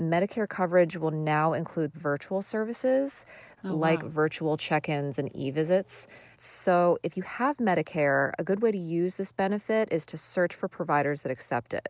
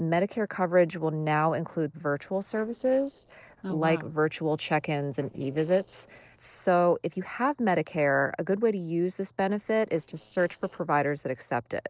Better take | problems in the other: first | noise reduction (neural separator model SepFormer DNS4)

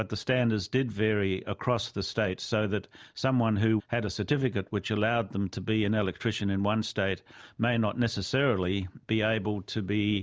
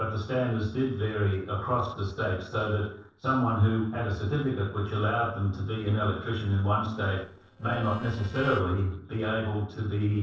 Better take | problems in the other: first | noise reduction (neural separator model SepFormer DNS4)

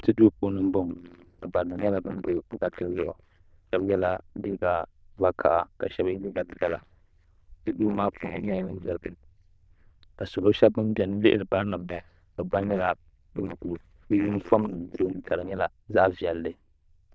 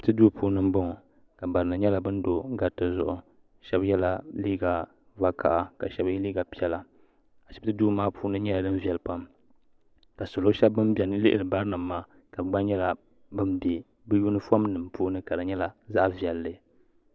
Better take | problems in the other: second | noise reduction (neural diffusion model UNIVERSE++)

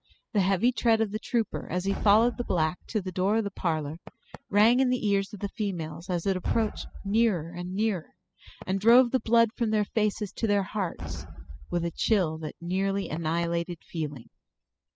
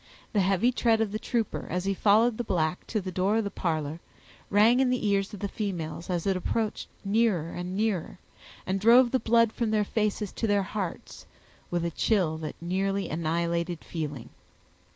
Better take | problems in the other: second | noise reduction (classical method spectral subtraction)

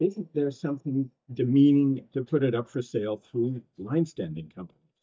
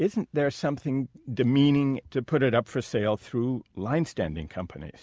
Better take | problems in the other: second | noise reduction (neural mask model DeepFilterNet 3)

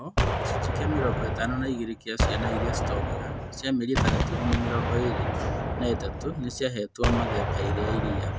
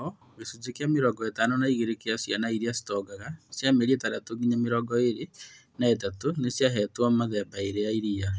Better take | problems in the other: second | background sound (Gunshot, gunfire); 4 dB above the speech

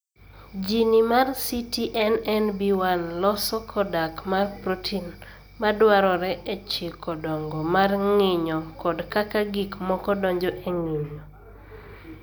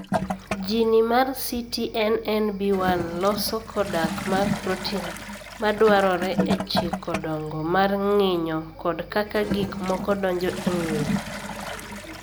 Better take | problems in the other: first | background sound (Toilet flush / Gurgling); 7 dB below the speech

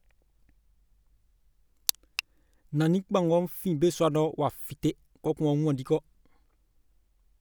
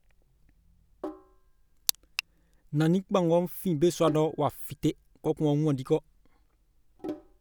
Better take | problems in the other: first | background sound (Sink (filling or washing)); 17 dB below the speech

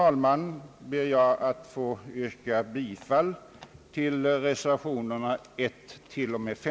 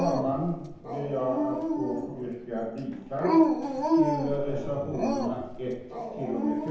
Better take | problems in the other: first | background sound (Dog); 2 dB above the speech // room echo; dies away in 0.9 s

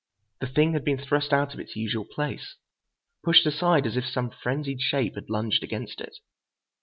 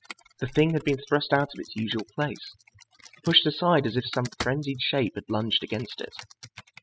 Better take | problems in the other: first | noise reduction (classical method spectral subtraction)

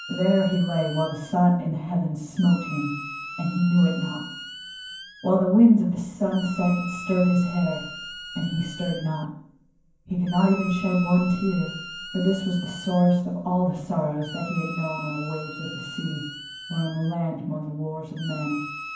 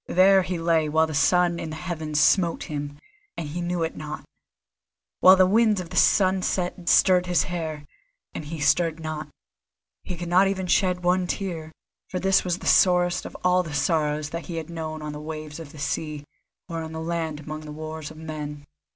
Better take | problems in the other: second | background sound (Squeak); 14 dB below the speech // room echo; dies away in 0.9 s

